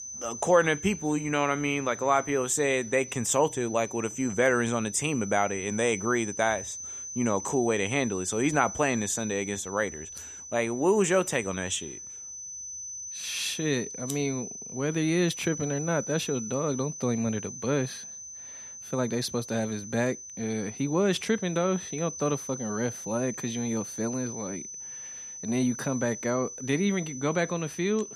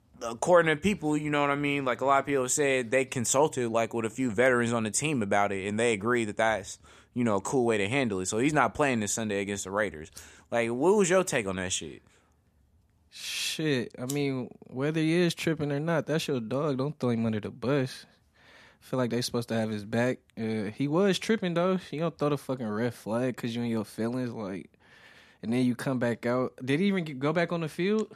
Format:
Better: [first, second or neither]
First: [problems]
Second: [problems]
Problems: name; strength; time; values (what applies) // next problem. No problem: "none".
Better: second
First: high-pitched whine; loud; throughout; 6 kHz, 10 dB below the speech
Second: none